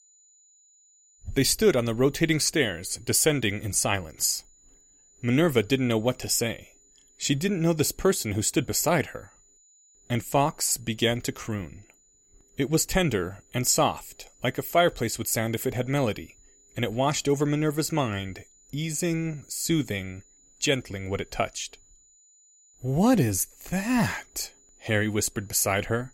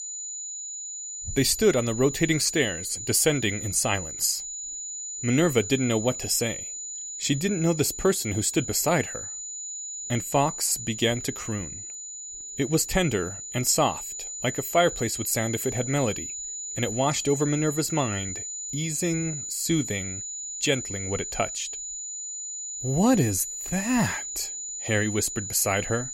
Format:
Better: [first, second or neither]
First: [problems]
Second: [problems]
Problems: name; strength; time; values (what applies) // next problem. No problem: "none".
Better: first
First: high-pitched whine; faint; throughout; 7 kHz, 30 dB below the speech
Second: high-pitched whine; loud; throughout; 7 kHz, 7 dB below the speech